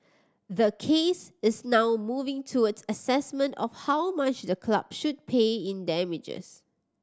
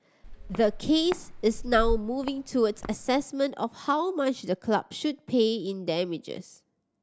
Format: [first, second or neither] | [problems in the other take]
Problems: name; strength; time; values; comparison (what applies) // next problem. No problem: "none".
first | background sound (Walk, footsteps); 7 dB below the speech